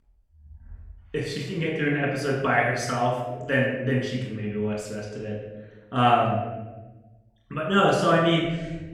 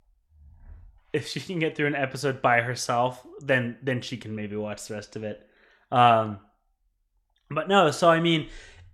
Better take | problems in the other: second | off-mic speech; far // room echo; noticeable; dies away in 1.1 s

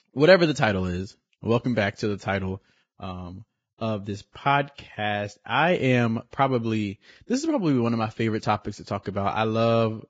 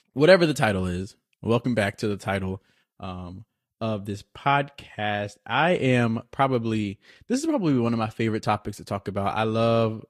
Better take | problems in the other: second | garbled, watery; badly; nothing above 7.5 kHz; slightly in the second

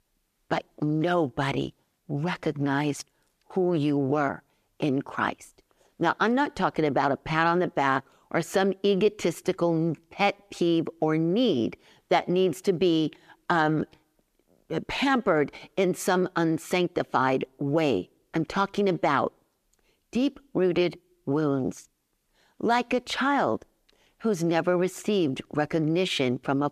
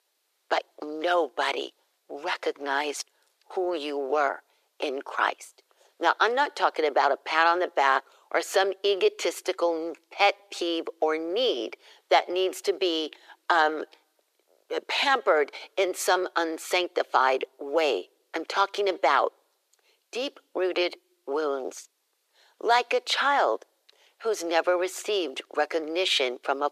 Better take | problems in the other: first | thin; very; fading below 400 Hz

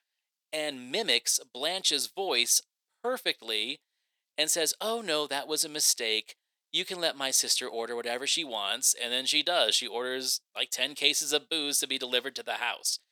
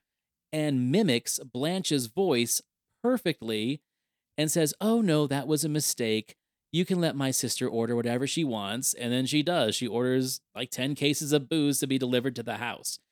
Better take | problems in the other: second | thin; very; fading below 700 Hz

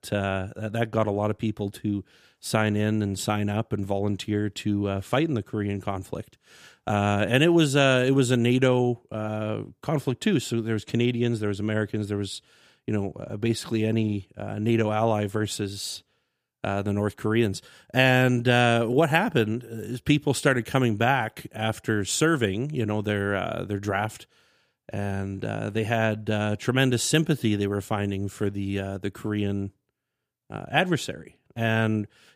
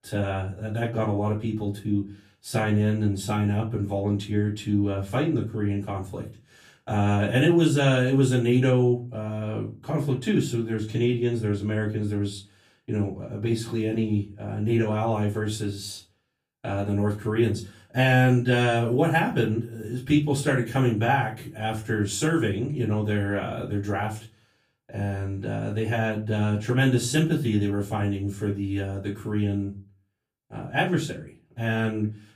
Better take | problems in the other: first | room echo; slight; dies away in 0.3 s // off-mic speech; far

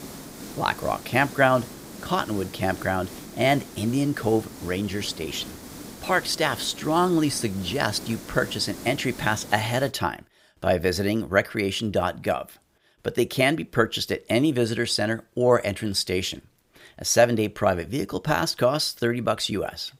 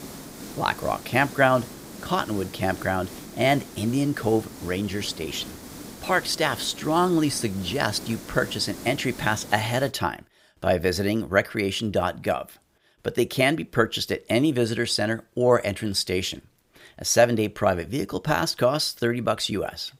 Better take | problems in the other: neither | hiss; noticeable; until 10 s; 15 dB below the speech; the same in both

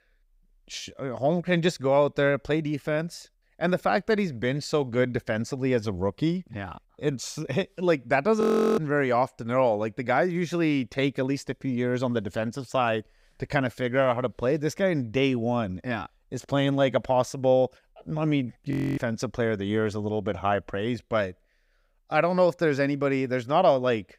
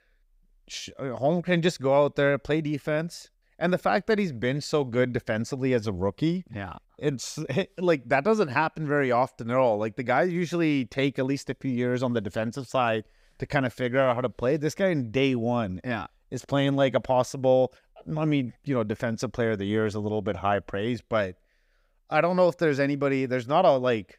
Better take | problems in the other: second | audio freezing; at 8.5 s and at 19 s

